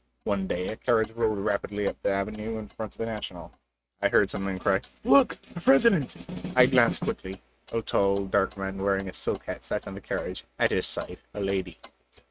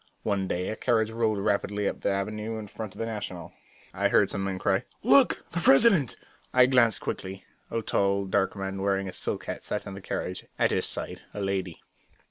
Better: second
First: noise reduction (neural mask model RNNoise)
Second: none

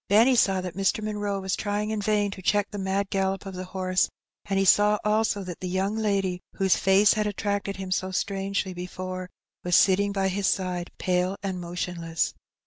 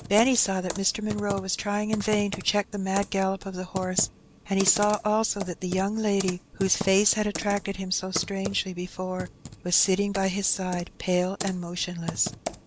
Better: first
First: none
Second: background sound (Computer keyboard); 12 dB below the speech

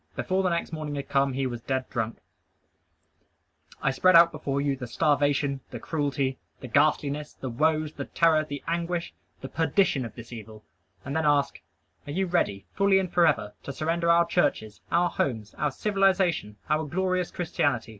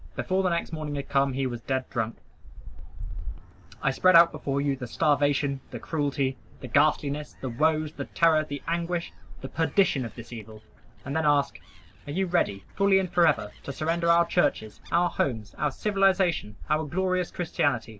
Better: first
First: none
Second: background sound (Gull, seagull); 14 dB below the speech

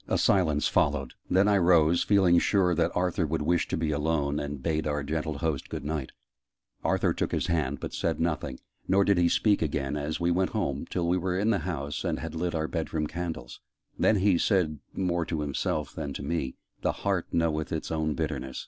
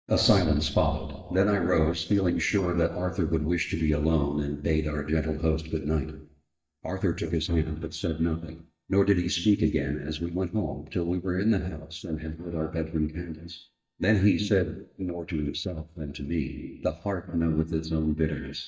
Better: first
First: none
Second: noise reduction (neural mask model DeepFilterNet 3)

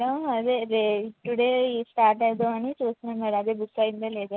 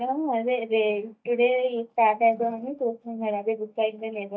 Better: first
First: none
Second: noise reduction (neural mask model DeepFilterNet 3)

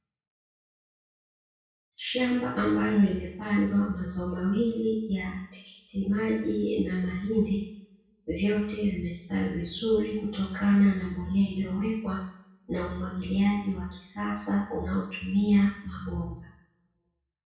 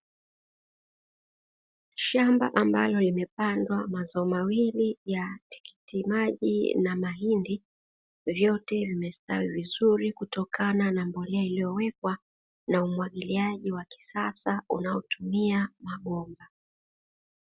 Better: second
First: room echo; dies away in 0.6 s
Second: none

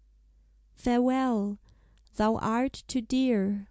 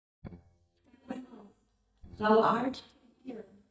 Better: first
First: none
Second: noise reduction (neural mask model DeepFilterNet 3)

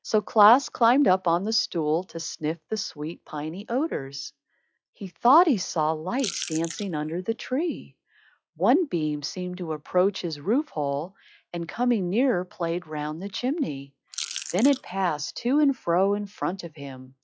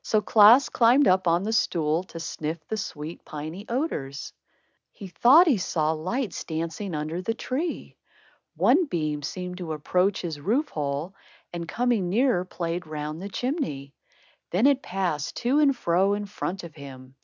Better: second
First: noise reduction (classical method log-MMSE)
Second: none

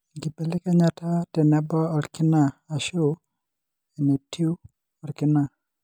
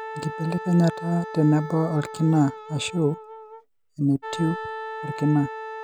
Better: first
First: none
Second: background sound (Wind instrument, woodwind instrument); 11 dB below the speech

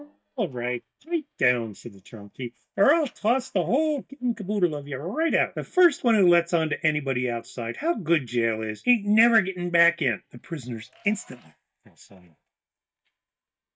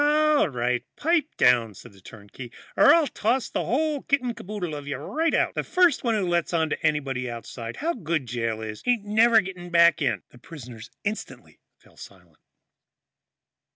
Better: second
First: noise reduction (neural mask model DeepFilterNet 3)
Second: none

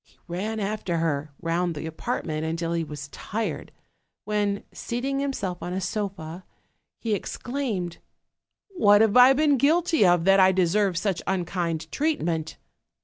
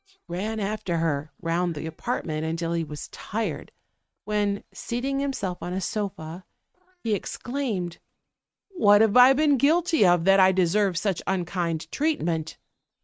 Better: first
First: none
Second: noise reduction (neural mask model RNNoise)

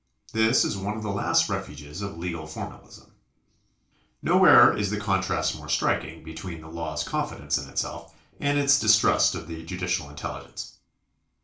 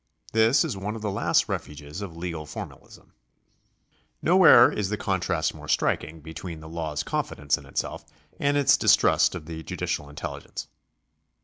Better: second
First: room echo; dies away in 0.3 s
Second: none

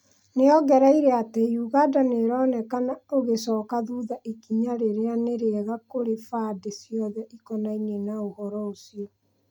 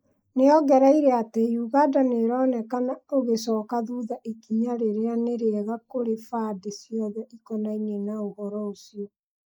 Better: first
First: none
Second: noise reduction (neural mask model Resemble Enhance denoiser)

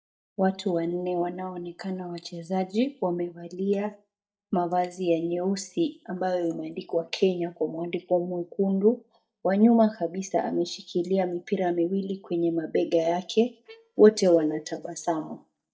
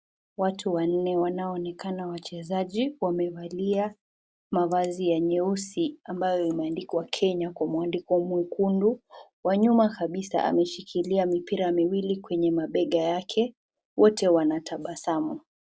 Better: second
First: noise reduction (neural mask model DeepFilterNet 3)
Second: none

